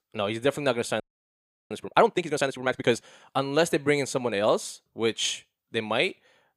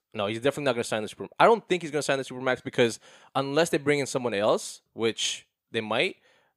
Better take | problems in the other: second | audio freezing; at 1 s for 0.5 s

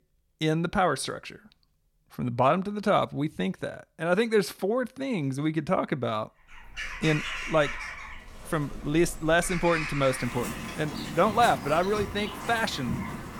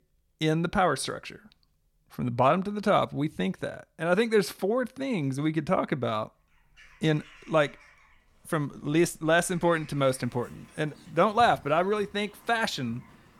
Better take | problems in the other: second | animal sounds; loud; from 6.5 s on; 8 dB below the speech; faint in the second

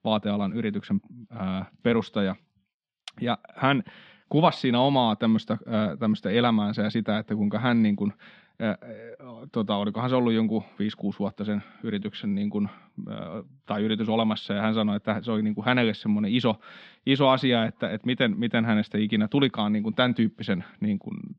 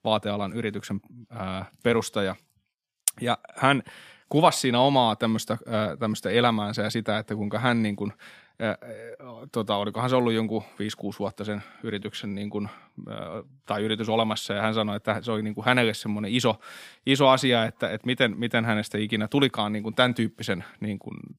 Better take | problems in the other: second | muffled; slightly; fading above 4 kHz

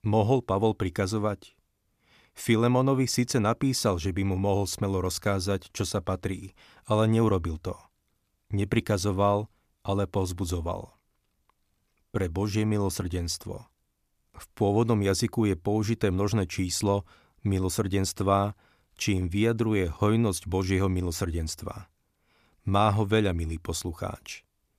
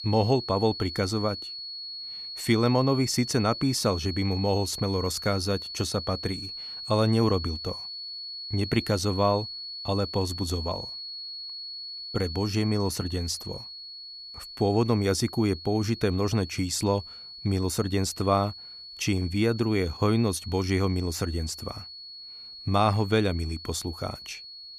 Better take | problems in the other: first | high-pitched whine; loud; throughout; 4.5 kHz, 10 dB below the speech

